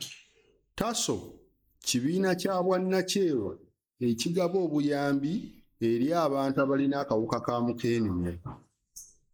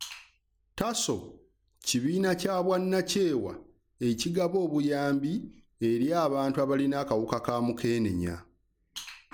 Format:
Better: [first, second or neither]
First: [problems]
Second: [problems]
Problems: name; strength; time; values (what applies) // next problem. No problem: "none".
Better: second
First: noise reduction (neural mask model Resemble Enhance denoiser)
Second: none